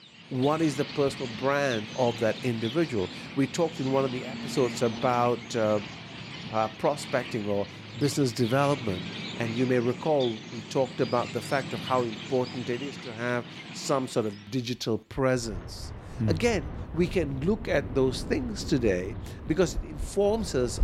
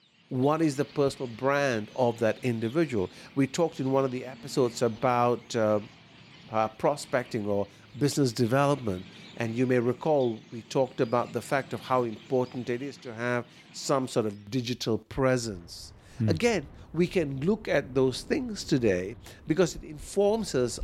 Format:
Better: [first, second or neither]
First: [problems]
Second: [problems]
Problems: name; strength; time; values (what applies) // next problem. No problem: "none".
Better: second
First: animal sounds; loud; throughout; 10 dB below the speech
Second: animal sounds; faint; throughout; 20 dB below the speech